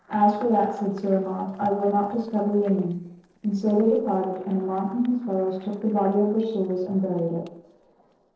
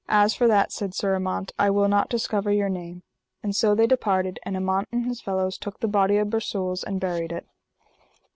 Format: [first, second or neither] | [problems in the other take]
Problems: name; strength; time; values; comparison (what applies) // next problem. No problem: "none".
second | noise reduction (neural separator model SepFormer DNS4)